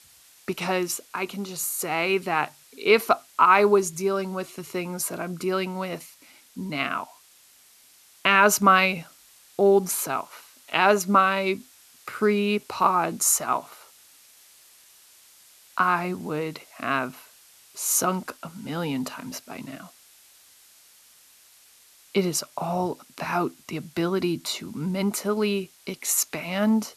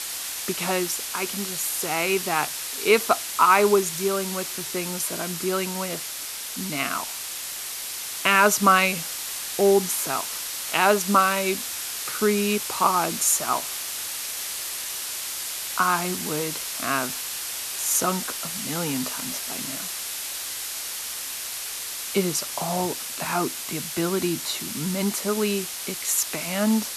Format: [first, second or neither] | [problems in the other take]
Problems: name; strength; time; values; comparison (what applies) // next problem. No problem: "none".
first | hiss; loud; throughout; 5 dB below the speech; faint in the first